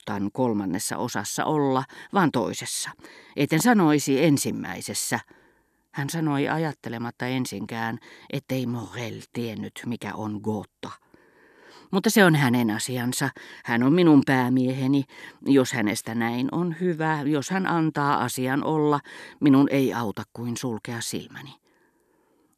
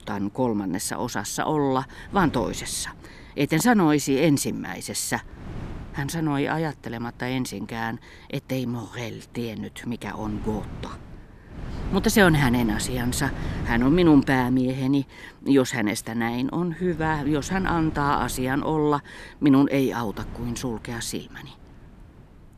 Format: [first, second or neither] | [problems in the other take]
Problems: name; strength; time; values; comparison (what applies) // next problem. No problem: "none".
first | wind noise on the microphone; occasional gusts; 20 dB below the speech